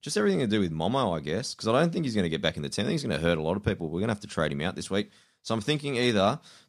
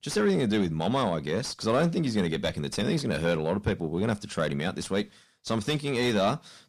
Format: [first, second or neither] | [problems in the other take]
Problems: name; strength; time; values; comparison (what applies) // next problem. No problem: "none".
first | distortion; slight; 10 dB below the speech